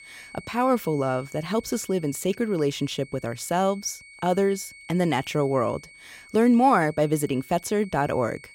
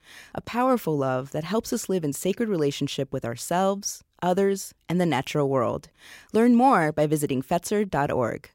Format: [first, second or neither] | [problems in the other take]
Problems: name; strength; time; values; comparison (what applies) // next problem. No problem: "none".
second | high-pitched whine; faint; throughout; 2 kHz, 20 dB below the speech